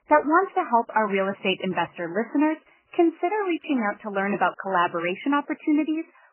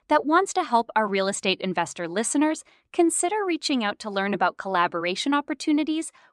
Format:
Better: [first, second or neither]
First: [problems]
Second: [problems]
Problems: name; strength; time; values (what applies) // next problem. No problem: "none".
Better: second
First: garbled, watery; badly; nothing above 3 kHz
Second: none